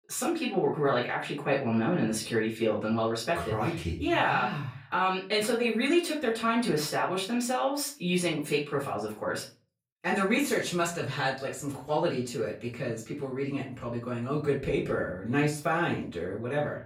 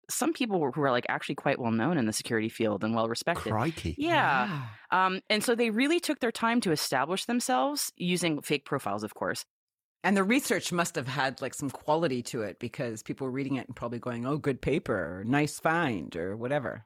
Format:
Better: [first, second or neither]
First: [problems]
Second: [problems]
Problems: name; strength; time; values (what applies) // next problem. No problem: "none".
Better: second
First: room echo; slight; dies away in 0.3 s // off-mic speech; far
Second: none